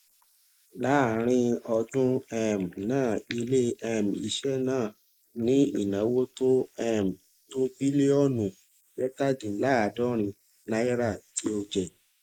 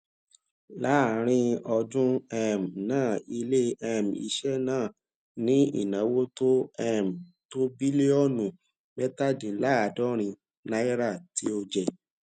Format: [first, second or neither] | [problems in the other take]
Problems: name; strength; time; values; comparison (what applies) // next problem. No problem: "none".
second | noise reduction (neural mask model Resemble Enhance denoiser)